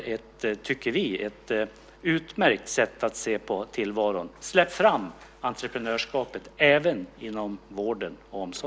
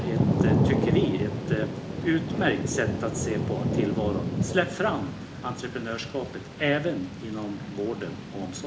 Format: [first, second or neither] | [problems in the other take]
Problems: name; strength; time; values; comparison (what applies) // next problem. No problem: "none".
first | background sound (Thunder / Rain); 1 dB above the speech // room echo; dies away in 0.4 s